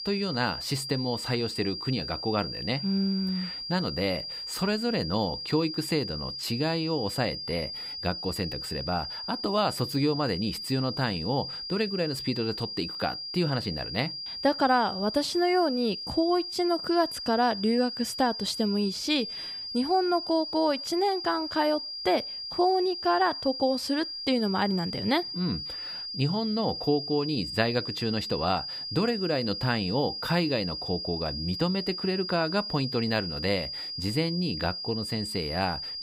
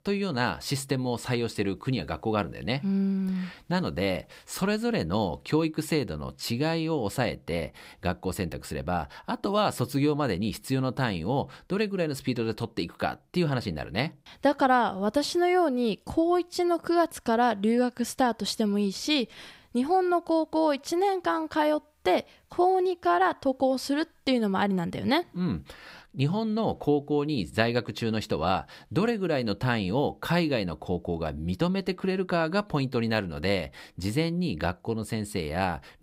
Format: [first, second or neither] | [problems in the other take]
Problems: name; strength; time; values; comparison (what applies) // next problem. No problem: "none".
second | high-pitched whine; loud; throughout; 5 kHz, 5 dB below the speech